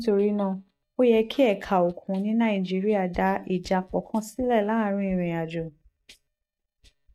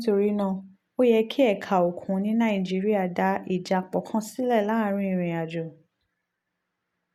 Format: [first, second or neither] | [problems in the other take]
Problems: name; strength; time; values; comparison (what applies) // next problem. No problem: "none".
second | noise reduction (neural mask model DeepFilterNet 3)